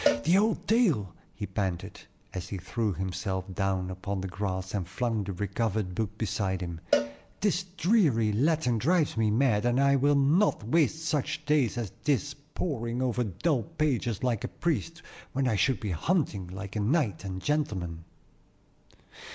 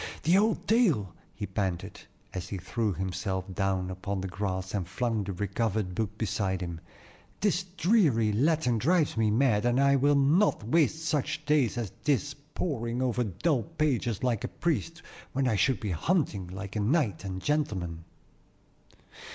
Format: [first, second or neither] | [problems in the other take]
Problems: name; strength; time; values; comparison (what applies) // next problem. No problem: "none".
second | background sound (Cowbell); 8 dB below the speech